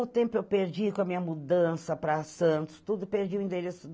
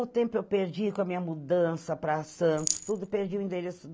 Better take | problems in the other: first | background sound (Rattle); 5 dB below the speech

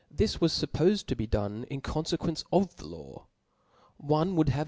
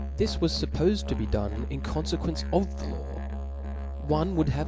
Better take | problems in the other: first | background sound (Musical instrument); 3 dB below the speech

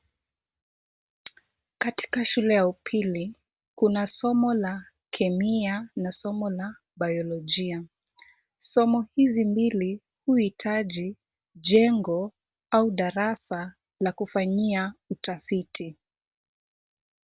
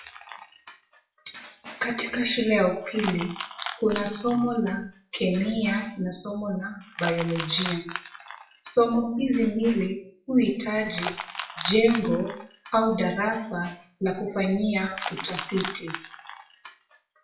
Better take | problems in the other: first | noise reduction (classical method WPE with log-MMSE)

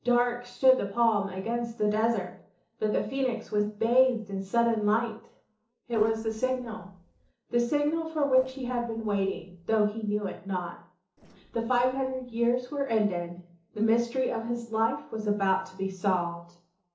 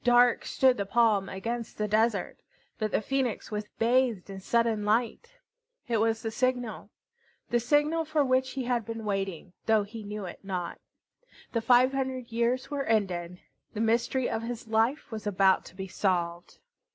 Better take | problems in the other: second | noise reduction (neural separator model SepFormer DNS4)

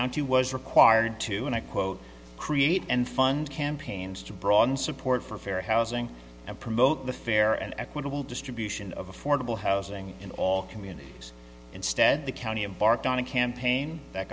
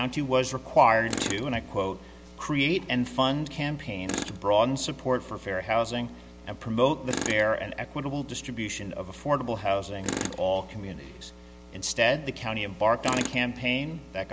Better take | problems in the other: first | background sound (Tools); 13 dB below the speech

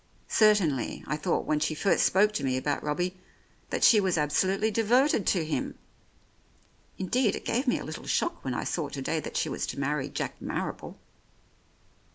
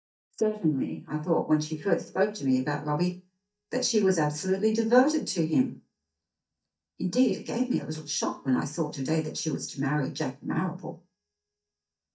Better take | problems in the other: first | noise reduction (neural mask model DeepFilterNet 3)

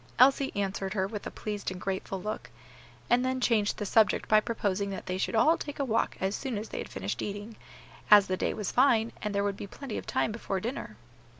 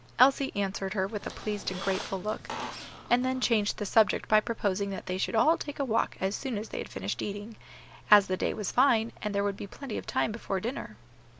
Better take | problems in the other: first | background sound (Squeak); 12 dB below the speech

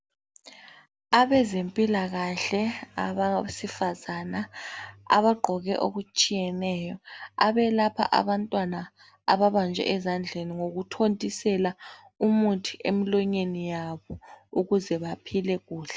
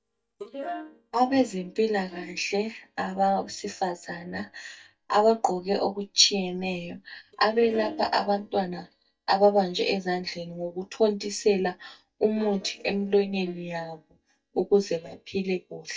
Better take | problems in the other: first | noise reduction (neural mask model DeepFilterNet 3)

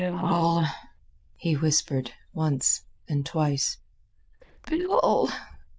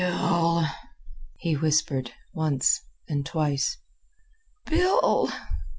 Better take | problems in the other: second | noise reduction (neural diffusion model UNIVERSE++)

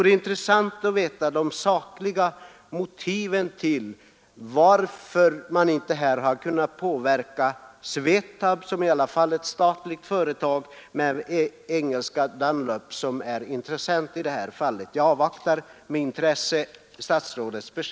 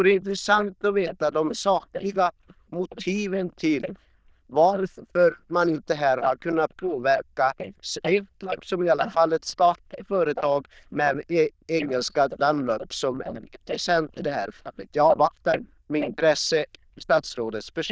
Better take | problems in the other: first | noise reduction (neural diffusion model UNIVERSE++)

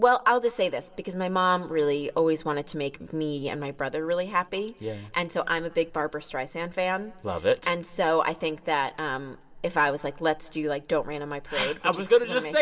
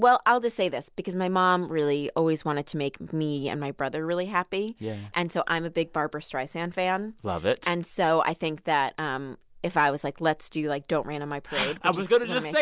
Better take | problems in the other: second | room echo; dies away in 0.3 s

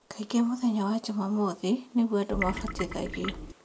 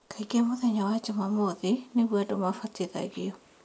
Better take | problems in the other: second | background sound (Trickle, dribble / Water tap, faucet); 6 dB below the speech

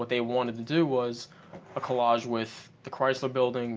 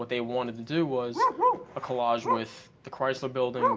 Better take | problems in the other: first | background sound (Bark); 1 dB below the speech

